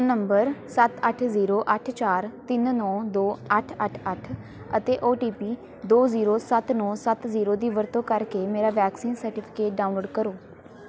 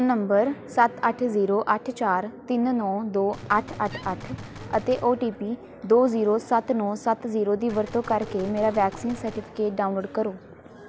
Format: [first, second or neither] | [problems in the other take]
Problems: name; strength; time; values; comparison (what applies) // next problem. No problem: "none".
first | background sound (Gunshot, gunfire + Wood); 19 dB below the speech